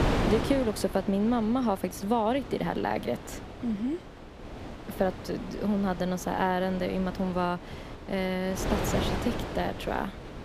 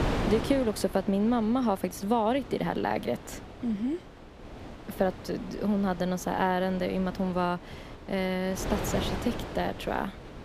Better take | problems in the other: second | wind noise on the microphone; heavy; 8 dB below the speech; occasional gusts in the second

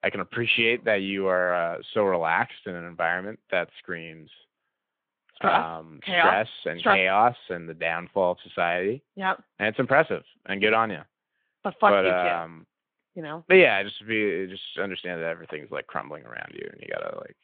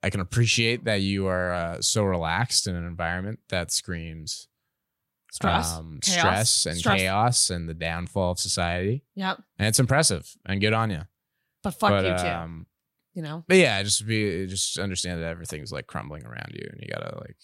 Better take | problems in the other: second | phone-call audio

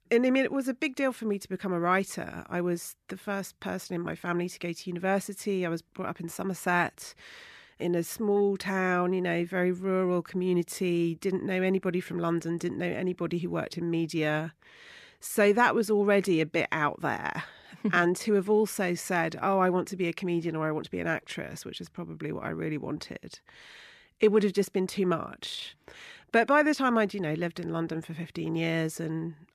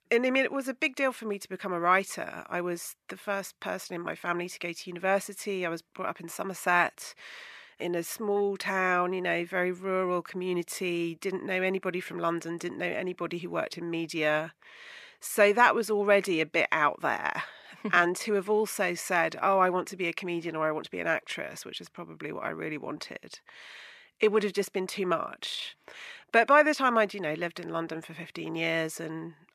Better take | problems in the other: first | thin; somewhat; fading below 400 Hz

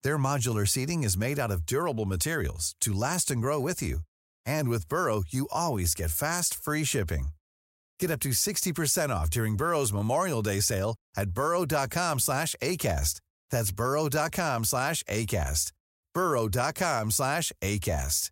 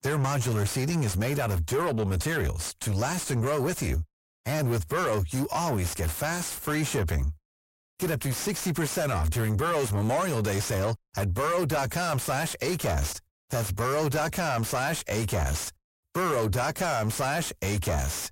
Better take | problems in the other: first | distortion; heavy; 6 dB below the speech

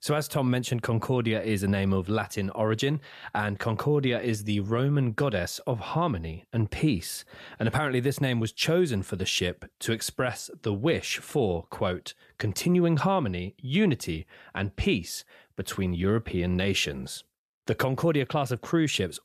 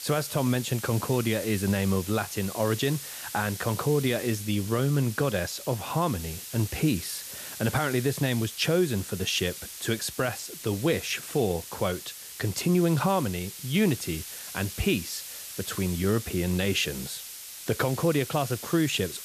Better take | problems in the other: first | hiss; loud; throughout; 10 dB below the speech

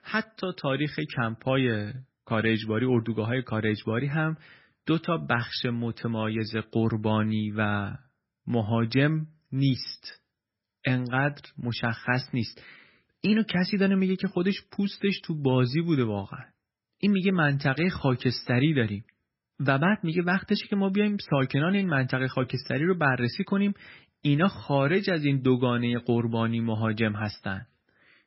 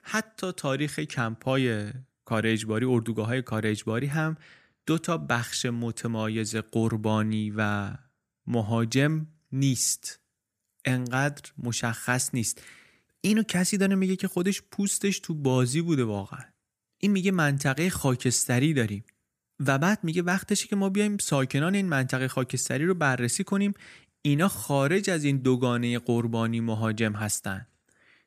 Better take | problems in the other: second | garbled, watery; badly; nothing above 5.5 kHz

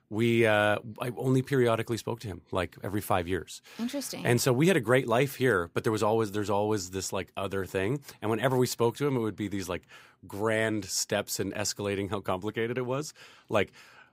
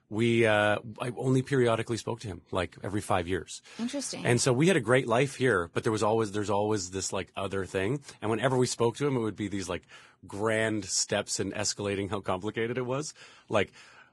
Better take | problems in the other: first | garbled, watery; badly; nothing above 10.5 kHz

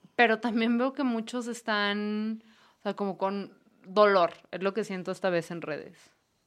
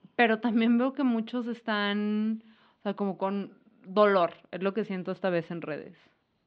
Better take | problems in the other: first | muffled; very slightly; fading above 3.5 kHz

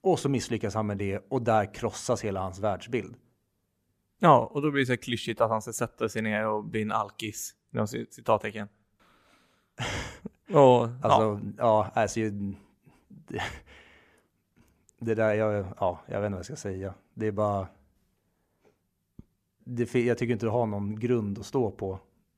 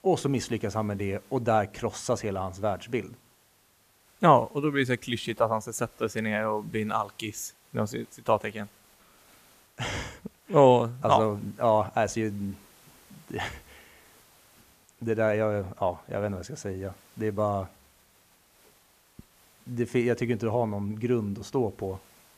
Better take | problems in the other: first | hiss; faint; throughout; 30 dB below the speech

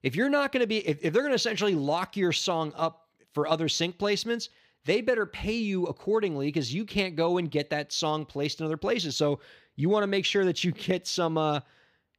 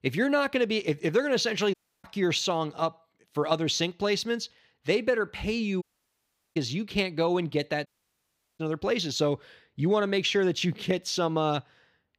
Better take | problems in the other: first | audio cutting out; at 1.5 s, at 6 s for 0.5 s and at 8 s for 0.5 s

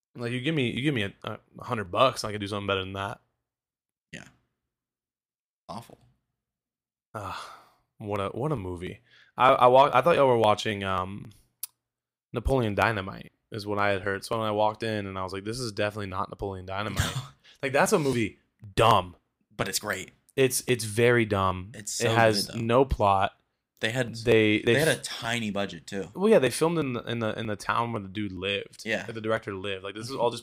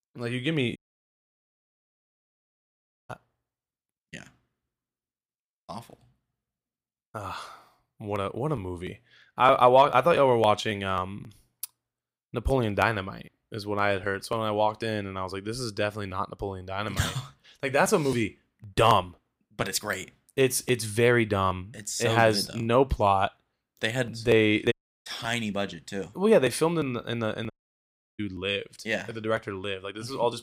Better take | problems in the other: first | audio cutting out; at 1 s for 2.5 s, at 25 s and at 28 s for 0.5 s

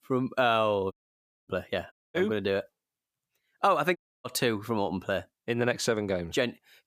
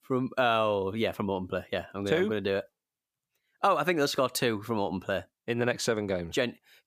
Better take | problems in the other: second | audio cutting out; at 1 s for 0.5 s, at 2 s and at 4 s

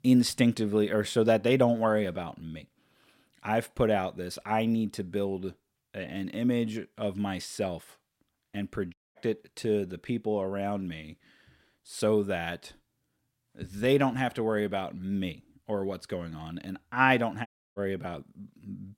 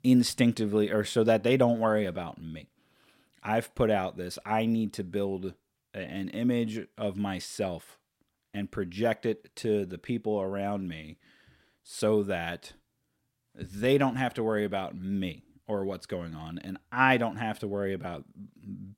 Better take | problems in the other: second | audio cutting out; at 9 s and at 17 s

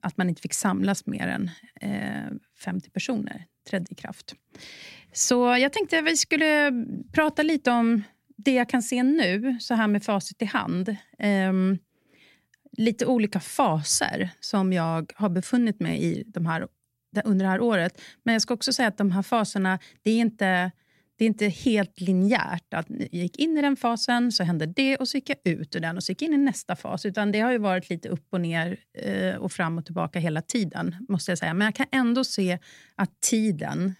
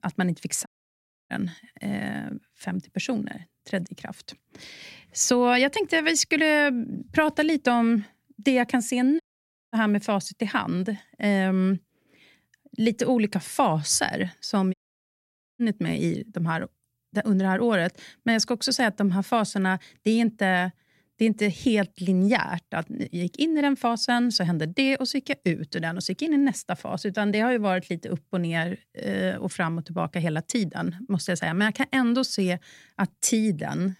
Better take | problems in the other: first | audio cutting out; at 0.5 s for 0.5 s, at 9 s for 0.5 s and at 15 s for 1 s

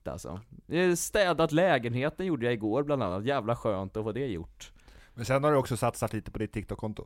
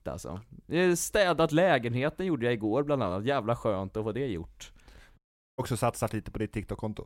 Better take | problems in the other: first | audio cutting out; at 5 s

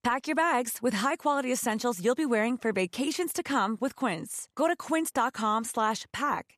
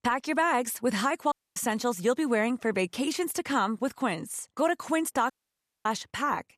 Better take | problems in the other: first | audio cutting out; at 1.5 s and at 5.5 s for 0.5 s

